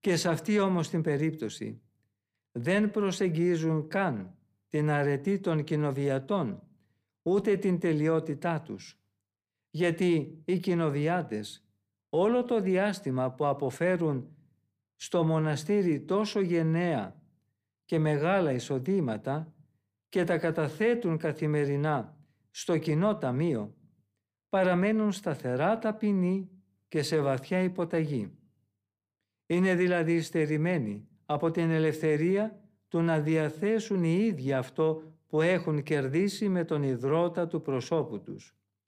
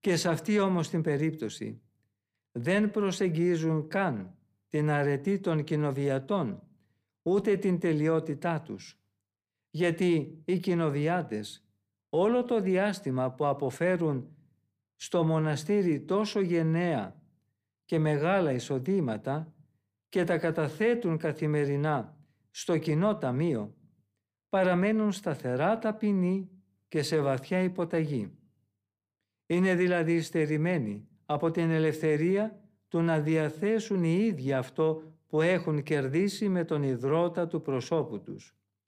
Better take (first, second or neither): neither